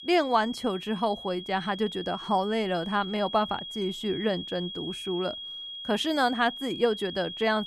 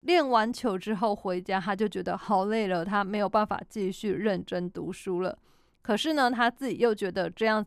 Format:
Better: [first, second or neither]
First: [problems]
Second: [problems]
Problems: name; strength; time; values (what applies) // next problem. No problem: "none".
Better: second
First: high-pitched whine; loud; throughout; 3.5 kHz, 9 dB below the speech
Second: none